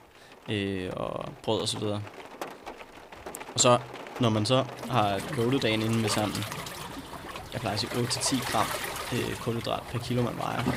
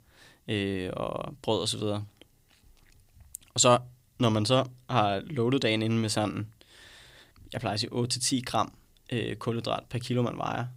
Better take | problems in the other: second | rain or running water; loud; throughout; 8 dB below the speech

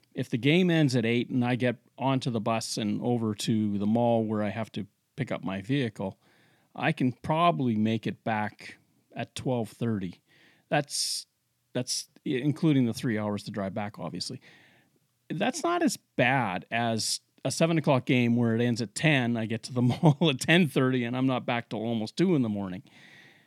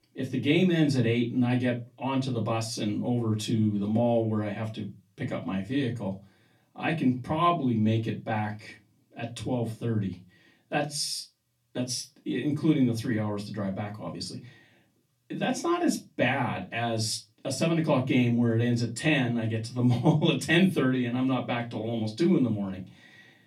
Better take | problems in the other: first | off-mic speech; far // room echo; very slight; dies away in 0.3 s

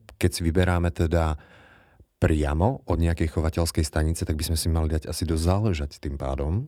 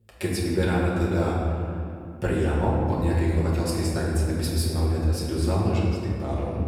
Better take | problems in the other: first | room echo; noticeable; dies away in 2.2 s // off-mic speech; far

